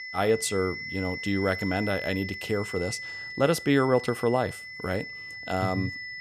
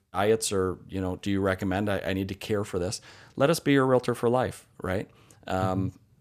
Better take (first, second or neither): second